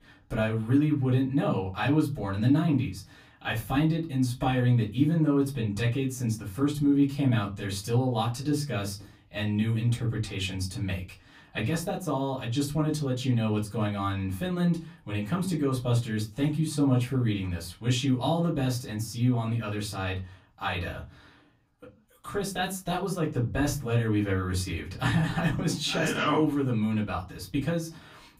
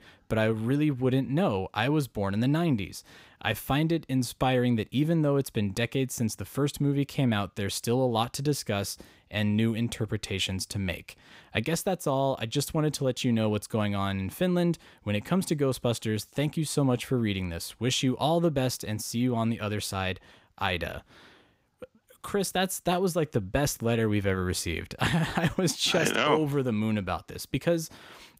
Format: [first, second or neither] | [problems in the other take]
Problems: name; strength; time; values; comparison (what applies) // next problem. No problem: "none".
second | off-mic speech; far // room echo; very slight; dies away in 0.3 s